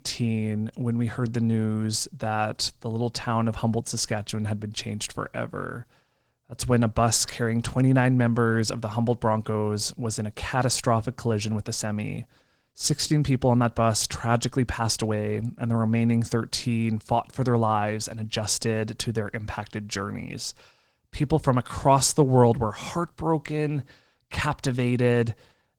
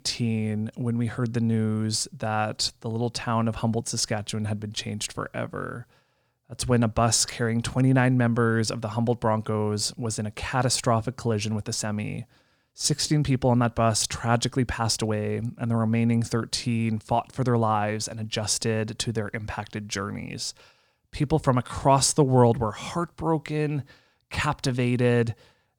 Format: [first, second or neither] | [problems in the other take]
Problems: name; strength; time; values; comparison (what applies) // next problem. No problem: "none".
second | garbled, watery; slightly